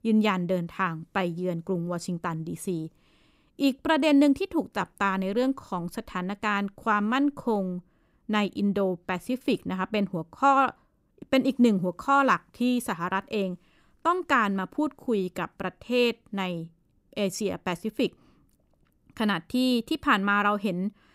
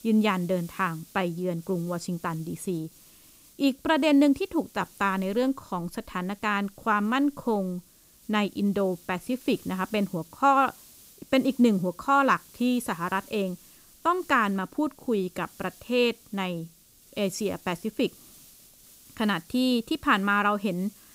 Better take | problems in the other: first | hiss; faint; throughout; 25 dB below the speech

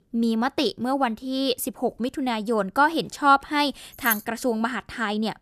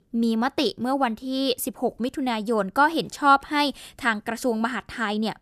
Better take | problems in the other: second | jangling keys; noticeable; at 4 s; peak 4 dB below the speech

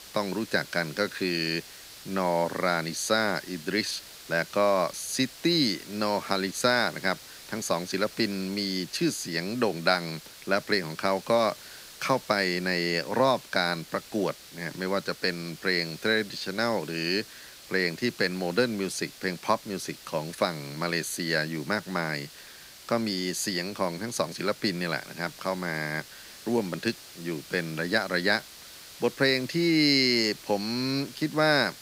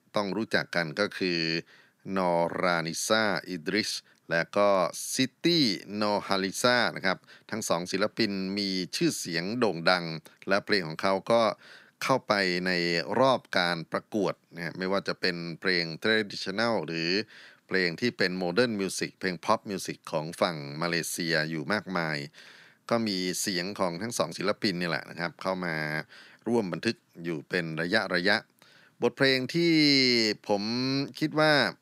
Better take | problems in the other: second | hiss; noticeable; throughout; 15 dB below the speech

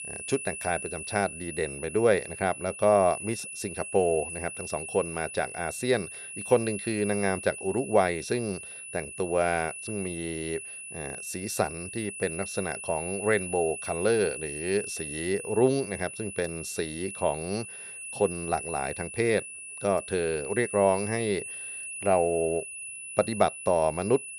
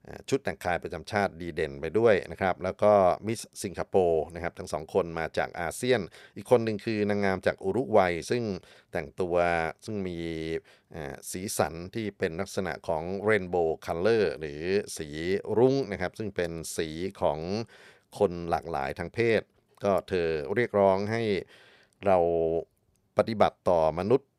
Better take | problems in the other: second | high-pitched whine; loud; throughout; 2.5 kHz, 8 dB below the speech

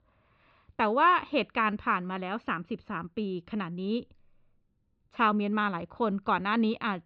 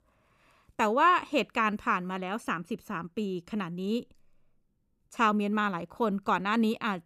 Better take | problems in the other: second | muffled; very slightly; fading above 4 kHz

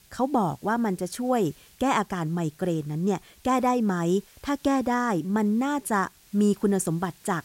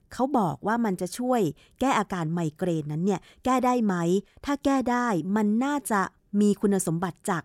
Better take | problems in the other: second | hiss; faint; throughout; 30 dB below the speech

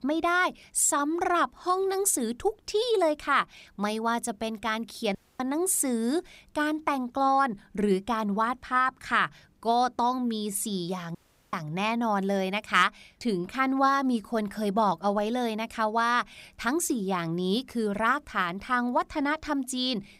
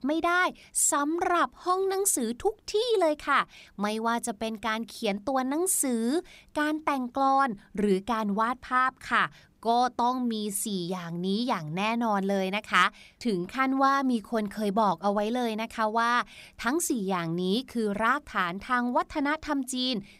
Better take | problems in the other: second | audio cutting out; at 5 s and at 11 s

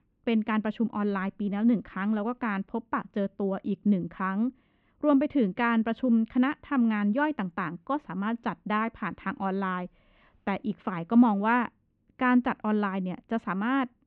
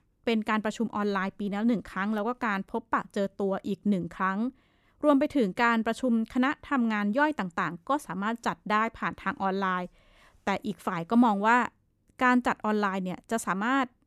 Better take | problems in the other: second | muffled; very; fading above 3 kHz

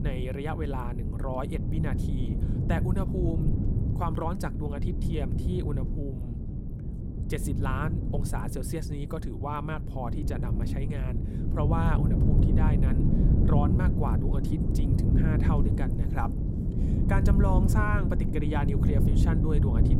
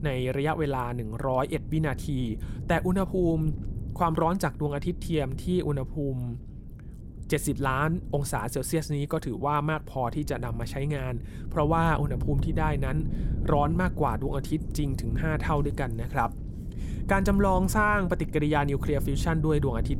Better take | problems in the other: second | wind noise on the microphone; heavy; 3 dB below the speech; occasional gusts in the second

